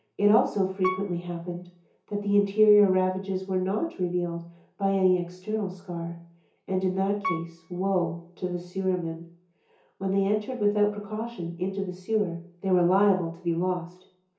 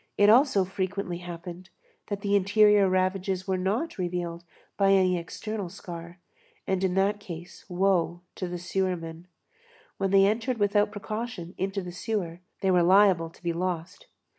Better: second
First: background sound (Piano); 12 dB below the speech // room echo; dies away in 0.6 s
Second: none

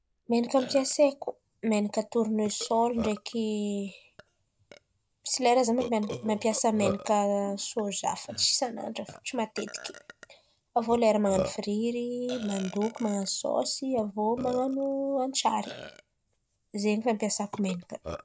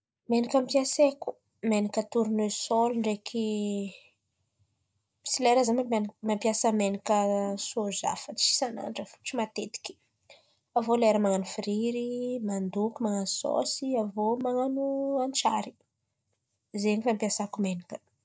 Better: second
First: background sound (Burping, eructation); 14 dB below the speech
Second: none

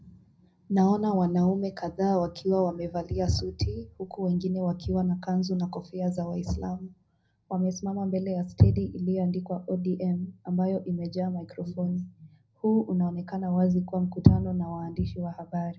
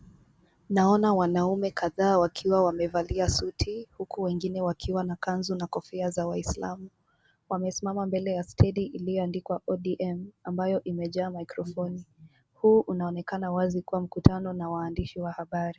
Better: second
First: room echo; dies away in 0.4 s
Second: none

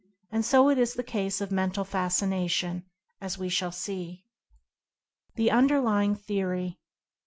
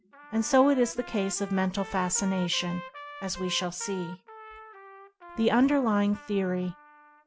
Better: first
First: none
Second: background sound (Trumpet); 16 dB below the speech

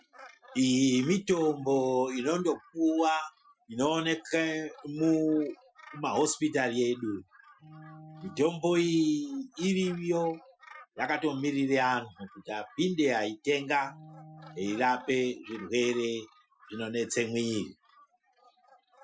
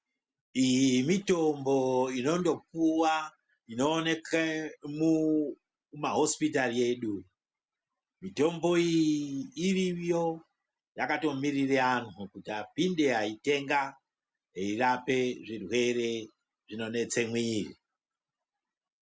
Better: second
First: noise reduction (classical method Wiener filter)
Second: none

